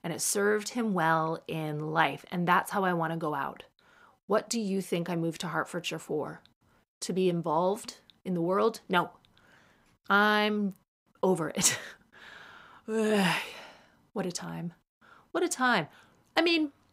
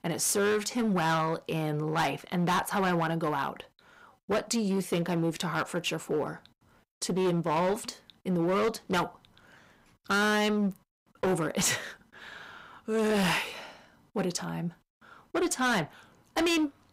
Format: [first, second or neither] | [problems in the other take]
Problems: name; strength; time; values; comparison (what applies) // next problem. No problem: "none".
first | distortion; heavy; 11% of the sound clipped